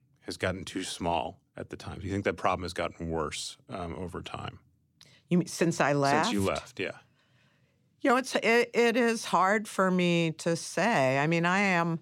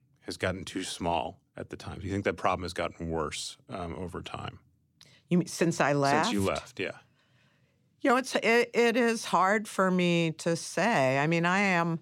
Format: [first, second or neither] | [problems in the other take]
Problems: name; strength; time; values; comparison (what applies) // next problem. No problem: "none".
neither | none